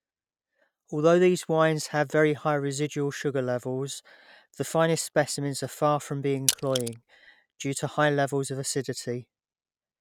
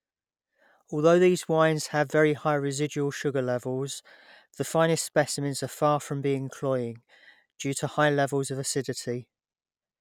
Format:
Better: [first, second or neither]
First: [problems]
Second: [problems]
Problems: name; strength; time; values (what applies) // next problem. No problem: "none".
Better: second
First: noise reduction (neural mask model RNNoise)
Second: none